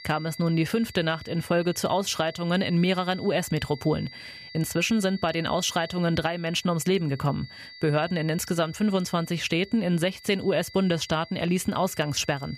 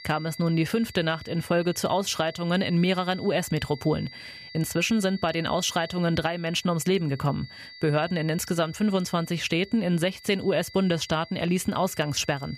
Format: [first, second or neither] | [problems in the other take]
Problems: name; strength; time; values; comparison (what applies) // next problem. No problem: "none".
neither | high-pitched whine; noticeable; throughout; 2 kHz, 20 dB below the speech; the same in both